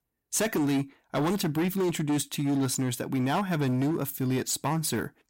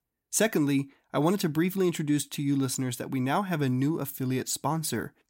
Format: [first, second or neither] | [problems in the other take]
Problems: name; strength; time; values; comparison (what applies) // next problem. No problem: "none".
second | distortion; slight; 16% of the sound clipped